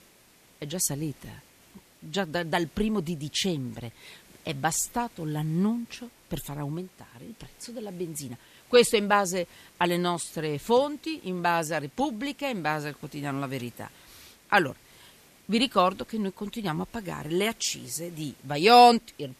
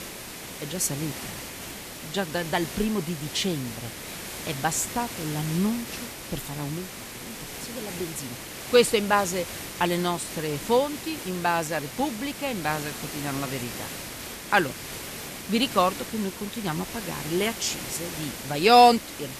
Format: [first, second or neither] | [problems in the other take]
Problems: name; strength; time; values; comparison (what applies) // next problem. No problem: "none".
first | hiss; loud; throughout; 9 dB below the speech; faint in the first